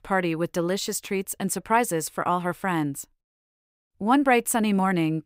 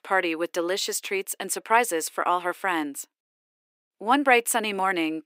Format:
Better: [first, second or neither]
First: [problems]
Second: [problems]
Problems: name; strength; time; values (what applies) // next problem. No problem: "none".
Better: first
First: none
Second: thin; somewhat; fading below 300 Hz